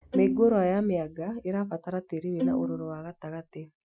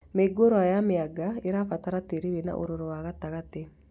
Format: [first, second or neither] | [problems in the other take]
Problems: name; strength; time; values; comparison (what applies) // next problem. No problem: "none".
second | noise reduction (classical method Wiener filter)